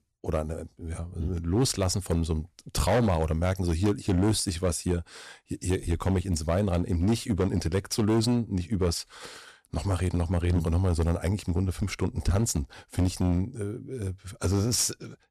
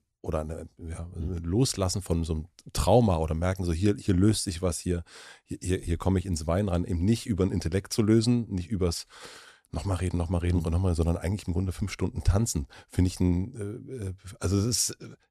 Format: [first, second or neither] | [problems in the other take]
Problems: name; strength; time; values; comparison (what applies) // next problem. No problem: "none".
second | distortion; slight; 9% of the sound clipped